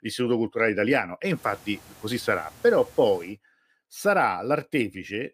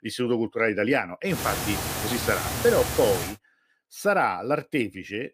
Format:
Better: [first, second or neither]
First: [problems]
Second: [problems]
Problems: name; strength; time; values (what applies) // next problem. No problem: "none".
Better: first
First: hiss; faint; from 1.5 to 3.5 s; 25 dB below the speech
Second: hiss; loud; from 1.5 to 3.5 s; 4 dB below the speech